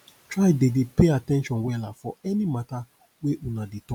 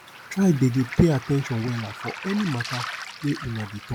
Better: first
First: none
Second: background sound (Waves, surf); 12 dB below the speech

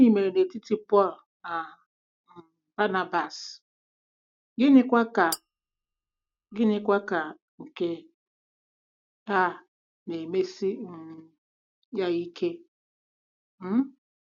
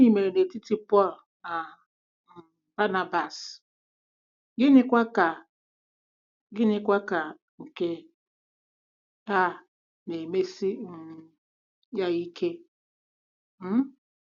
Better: second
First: noise reduction (neural mask model RNNoise)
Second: none

